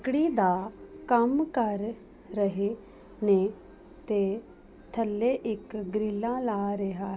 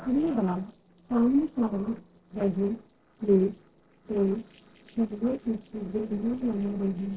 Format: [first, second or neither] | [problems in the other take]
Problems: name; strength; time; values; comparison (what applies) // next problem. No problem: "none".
first | noise reduction (neural separator model SepFormer DNS4)